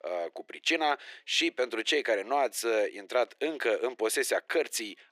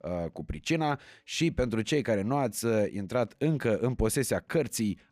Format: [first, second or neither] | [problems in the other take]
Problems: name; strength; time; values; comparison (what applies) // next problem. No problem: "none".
second | thin; very; fading below 350 Hz